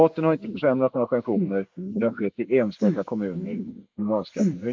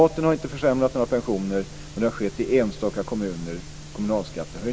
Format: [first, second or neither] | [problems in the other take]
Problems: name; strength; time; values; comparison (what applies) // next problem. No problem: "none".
second | noise reduction (neural mask model Resemble Enhance denoiser)